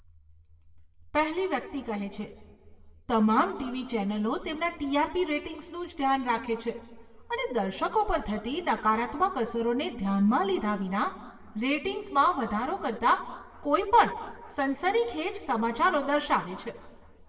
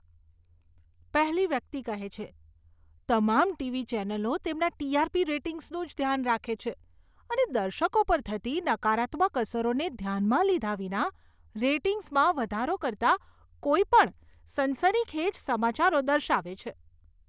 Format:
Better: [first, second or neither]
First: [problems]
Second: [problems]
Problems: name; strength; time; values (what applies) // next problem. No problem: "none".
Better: second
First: room echo; dies away in 1.2 s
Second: none